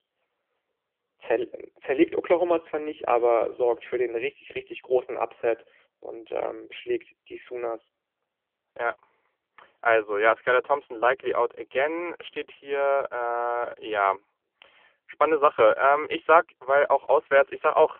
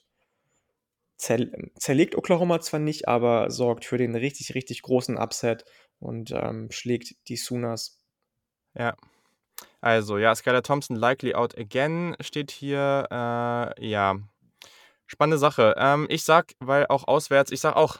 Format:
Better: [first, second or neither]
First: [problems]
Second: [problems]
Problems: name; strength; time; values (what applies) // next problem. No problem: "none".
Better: second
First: phone-call audio; poor line; nothing above 3.5 kHz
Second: none